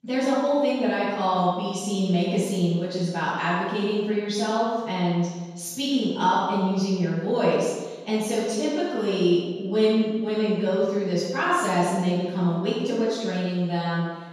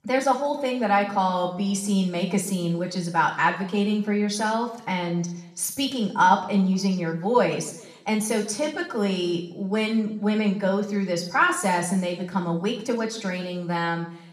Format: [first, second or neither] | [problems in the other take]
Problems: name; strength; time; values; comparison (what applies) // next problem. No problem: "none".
second | room echo; strong; dies away in 1.2 s; slight in the second // off-mic speech; far; somewhat distant in the second